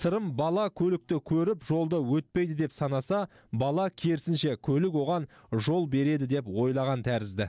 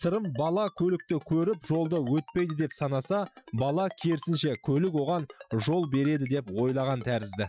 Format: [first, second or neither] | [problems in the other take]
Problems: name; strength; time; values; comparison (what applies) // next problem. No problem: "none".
first | noise reduction (classical method Wiener filter)